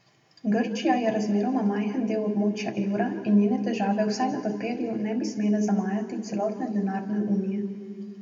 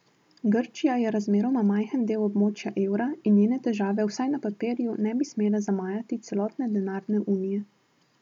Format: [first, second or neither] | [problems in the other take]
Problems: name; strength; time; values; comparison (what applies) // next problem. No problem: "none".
second | room echo; dies away in 1.8 s